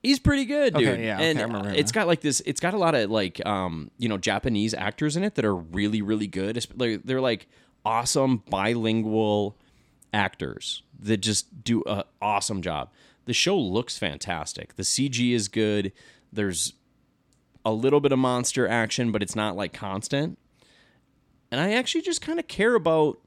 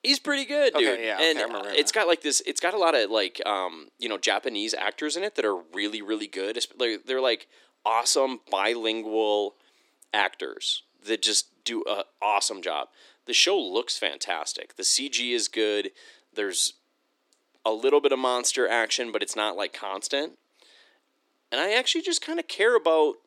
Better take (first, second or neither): first